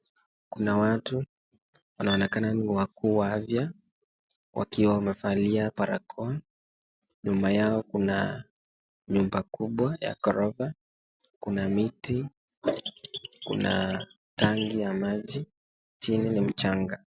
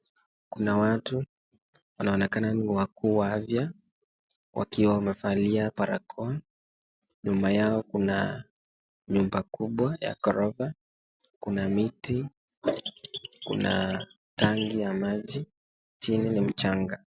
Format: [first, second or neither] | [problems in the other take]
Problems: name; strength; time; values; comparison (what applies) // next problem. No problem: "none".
second | background sound (Bowed string instrument); 11 dB below the speech